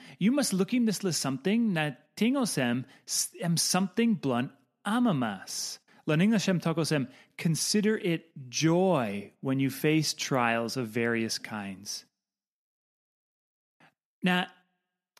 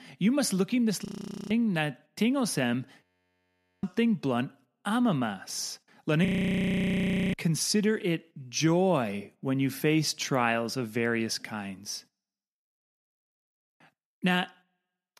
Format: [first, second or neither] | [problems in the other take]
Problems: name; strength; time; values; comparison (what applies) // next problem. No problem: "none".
first | audio freezing; at 1 s, at 3 s for 1 s and at 6.5 s for 1 s